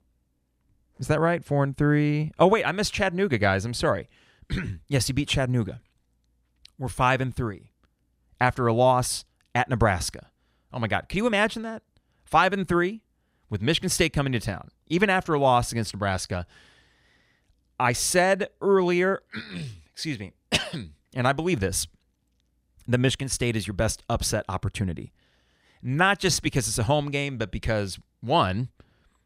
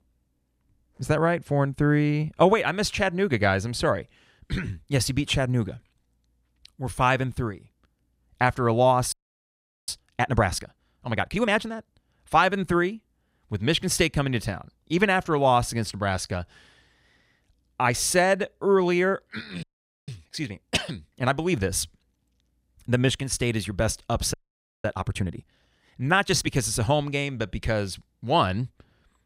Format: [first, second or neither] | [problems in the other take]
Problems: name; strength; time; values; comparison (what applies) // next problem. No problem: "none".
first | audio freezing; at 9 s for 1 s, at 20 s and at 24 s for 0.5 s